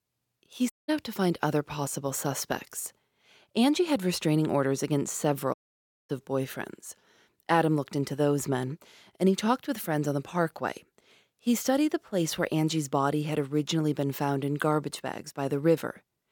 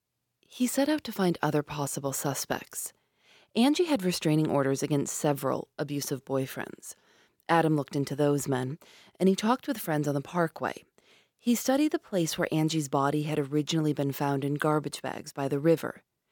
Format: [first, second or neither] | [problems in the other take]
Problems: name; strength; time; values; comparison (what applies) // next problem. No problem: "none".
second | audio cutting out; at 0.5 s and at 5.5 s for 0.5 s